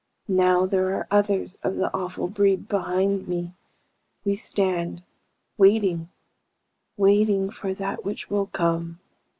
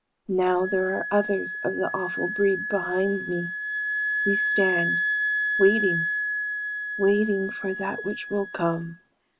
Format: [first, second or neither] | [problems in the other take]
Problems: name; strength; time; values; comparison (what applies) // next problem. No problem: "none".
first | background sound (Wind instrument, woodwind instrument); 2 dB below the speech